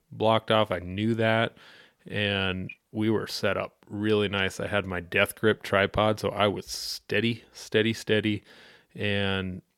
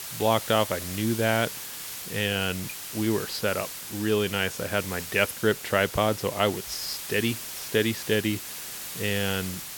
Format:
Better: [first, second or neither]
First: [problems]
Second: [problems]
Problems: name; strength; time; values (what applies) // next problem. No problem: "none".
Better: first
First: none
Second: hiss; loud; throughout; 8 dB below the speech